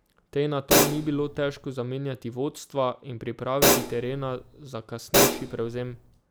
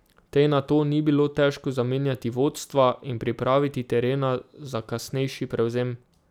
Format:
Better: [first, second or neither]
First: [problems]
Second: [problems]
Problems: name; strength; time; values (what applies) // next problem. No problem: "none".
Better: second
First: background sound (Hi-hat); 5 dB above the speech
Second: none